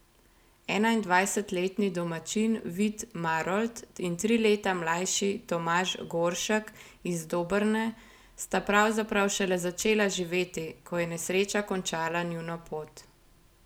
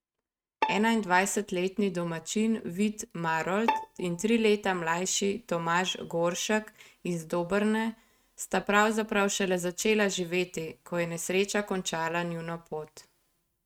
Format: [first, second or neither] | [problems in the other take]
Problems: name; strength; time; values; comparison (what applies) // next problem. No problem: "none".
first | noise reduction (neural mask model RNNoise)